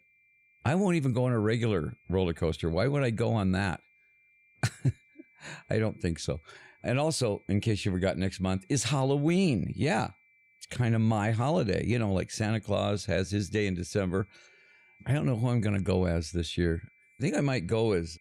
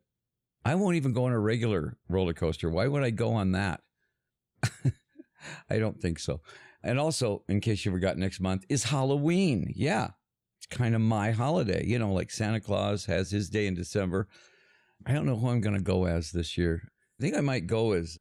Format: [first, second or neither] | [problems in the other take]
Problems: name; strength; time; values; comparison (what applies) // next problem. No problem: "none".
second | high-pitched whine; faint; throughout; 2.5 kHz, 30 dB below the speech